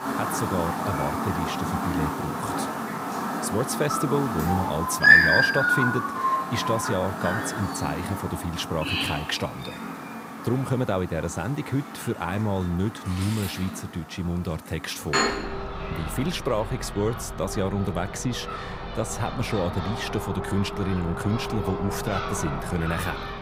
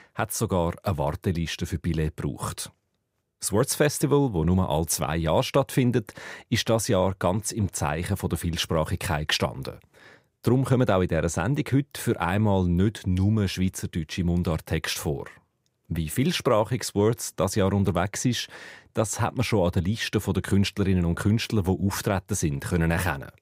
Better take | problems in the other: second | animal sounds; very loud; throughout; 2 dB above the speech

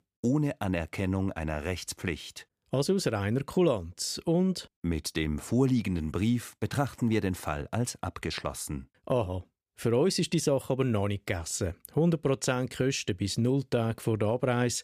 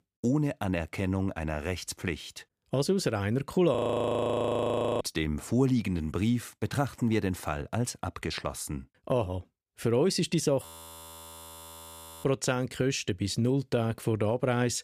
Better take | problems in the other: first | audio freezing; at 4 s for 1.5 s and at 11 s for 1.5 s

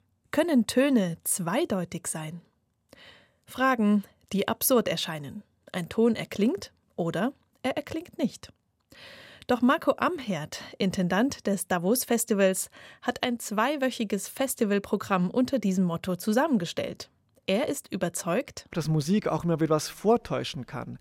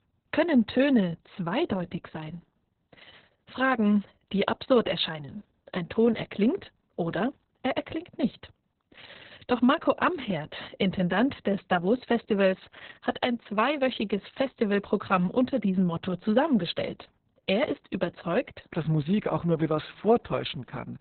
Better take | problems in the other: first | garbled, watery; badly; nothing above 4 kHz

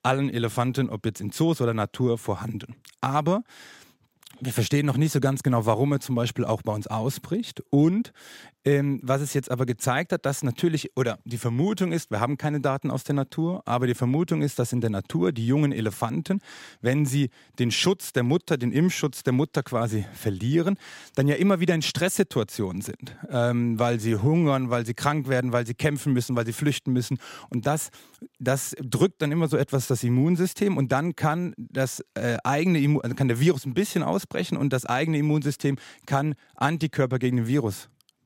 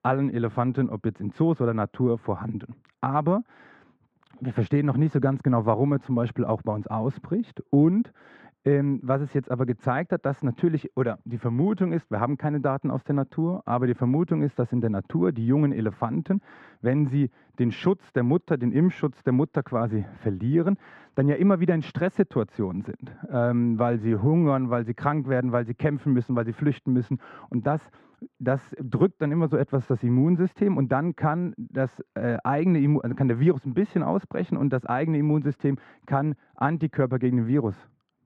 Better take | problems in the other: first | muffled; very; fading above 1.5 kHz

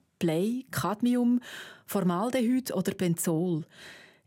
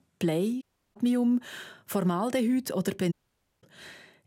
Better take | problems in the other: first | audio cutting out; at 0.5 s and at 3 s for 0.5 s

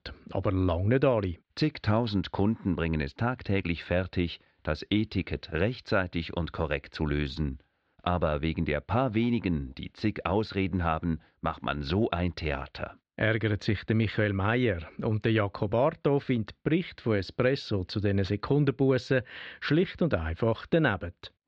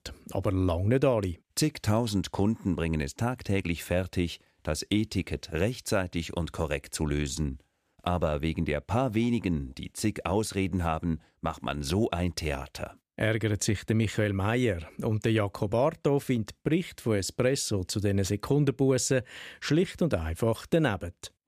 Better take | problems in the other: second | muffled; slightly; fading above 4 kHz

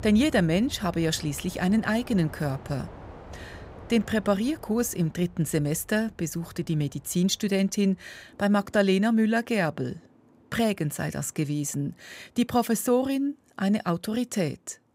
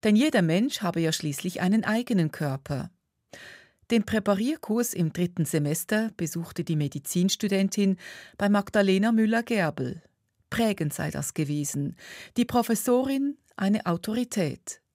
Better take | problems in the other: second | train or aircraft noise; faint; throughout; 20 dB below the speech

